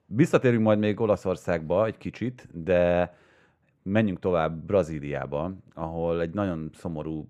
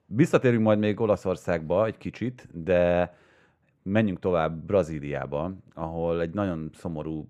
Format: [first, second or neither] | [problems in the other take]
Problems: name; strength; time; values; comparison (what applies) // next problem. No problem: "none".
neither | muffled; slightly; fading above 3.5 kHz; the same in both